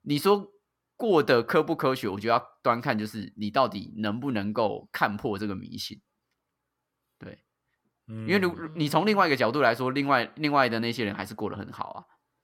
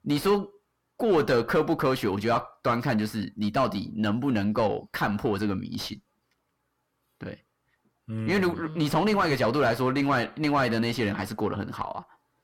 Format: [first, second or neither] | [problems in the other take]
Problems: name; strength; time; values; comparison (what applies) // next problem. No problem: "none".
first | distortion; heavy; 6 dB below the speech